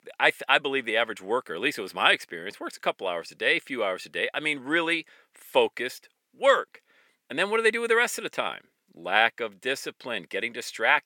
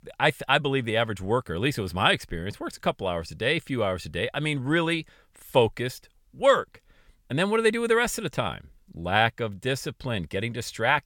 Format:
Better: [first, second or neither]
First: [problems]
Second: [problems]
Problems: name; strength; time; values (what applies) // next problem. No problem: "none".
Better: second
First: thin; somewhat; fading below 300 Hz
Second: none